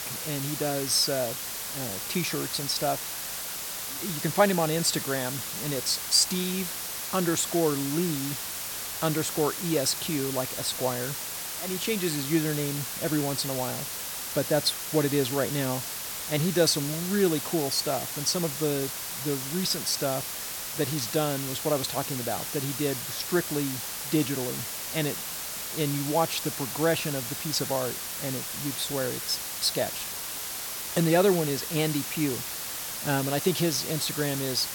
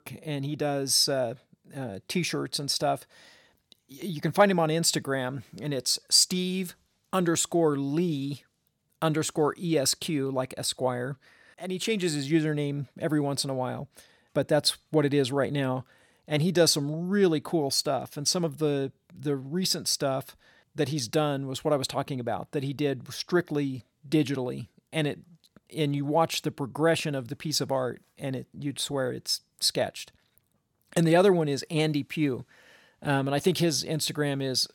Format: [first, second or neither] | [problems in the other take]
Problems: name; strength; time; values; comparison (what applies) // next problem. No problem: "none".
second | hiss; loud; throughout; 3 dB below the speech